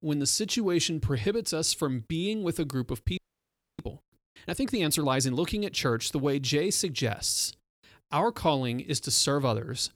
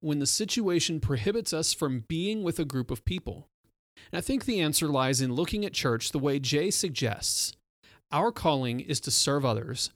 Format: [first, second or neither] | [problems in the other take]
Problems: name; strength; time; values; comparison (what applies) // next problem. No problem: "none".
second | audio freezing; at 3 s for 0.5 s